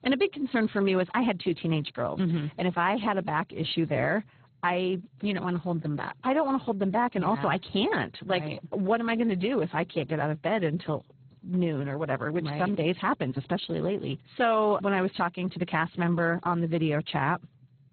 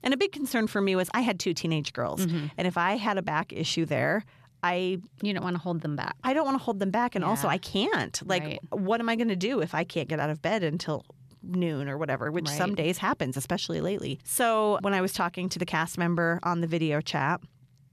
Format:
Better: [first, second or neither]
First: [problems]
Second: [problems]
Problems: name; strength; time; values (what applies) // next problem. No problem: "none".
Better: second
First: garbled, watery; badly; nothing above 4 kHz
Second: none